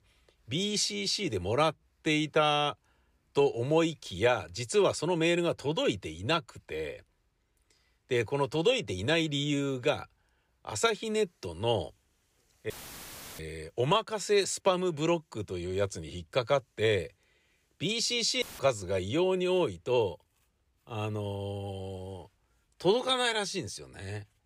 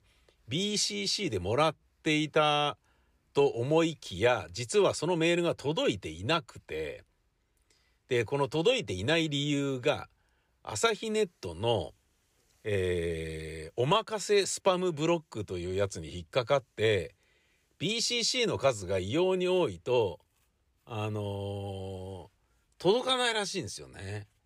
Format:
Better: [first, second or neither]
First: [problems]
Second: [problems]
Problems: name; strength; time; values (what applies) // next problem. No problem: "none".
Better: second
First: audio cutting out; filled with static; at 13 s for 0.5 s and at 18 s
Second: none